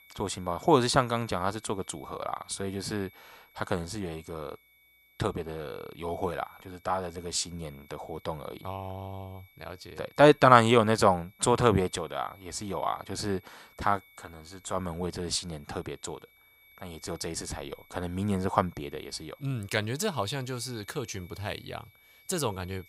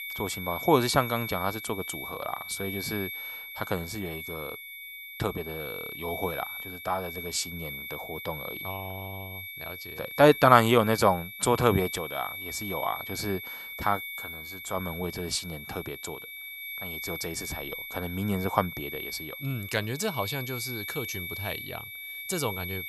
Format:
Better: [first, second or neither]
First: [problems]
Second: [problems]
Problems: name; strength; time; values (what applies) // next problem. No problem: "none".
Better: first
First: high-pitched whine; faint; throughout; 2.5 kHz, 30 dB below the speech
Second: high-pitched whine; loud; throughout; 2.5 kHz, 8 dB below the speech